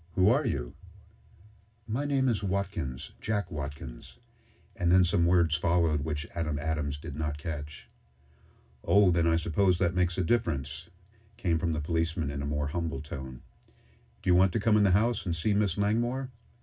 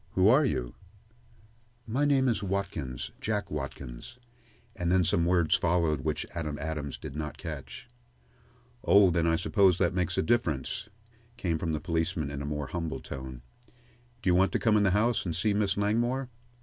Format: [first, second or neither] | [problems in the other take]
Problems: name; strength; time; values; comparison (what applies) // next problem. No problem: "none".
second | room echo; dies away in 0.4 s